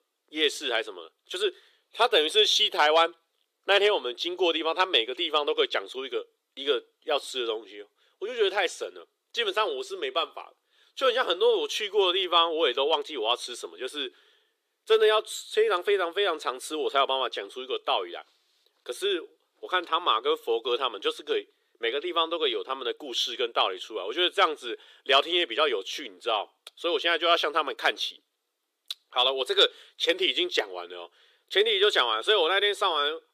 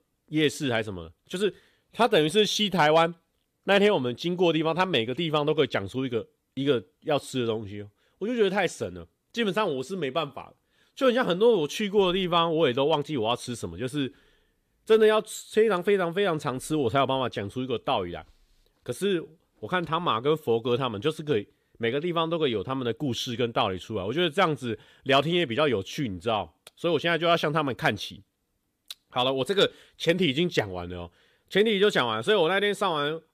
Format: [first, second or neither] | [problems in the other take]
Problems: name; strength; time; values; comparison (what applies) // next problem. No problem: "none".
second | thin; very; fading below 350 Hz